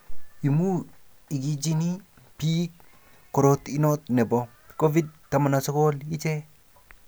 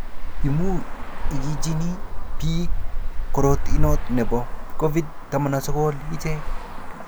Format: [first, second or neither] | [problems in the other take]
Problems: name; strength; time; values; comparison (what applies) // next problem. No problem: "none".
first | background sound (Traffic noise, roadway noise); 5 dB above the speech